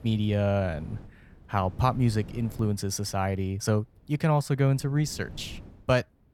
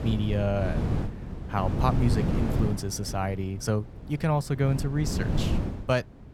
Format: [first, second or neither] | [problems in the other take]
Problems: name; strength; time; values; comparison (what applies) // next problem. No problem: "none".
first | wind noise on the microphone; heavy; 6 dB below the speech; occasional gusts in the first